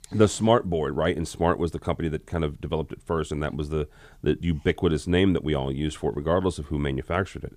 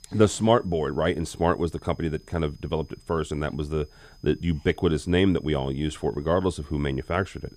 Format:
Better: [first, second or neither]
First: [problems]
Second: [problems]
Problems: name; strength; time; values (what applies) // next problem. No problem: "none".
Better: first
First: none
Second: high-pitched whine; faint; throughout; 5 kHz, 30 dB below the speech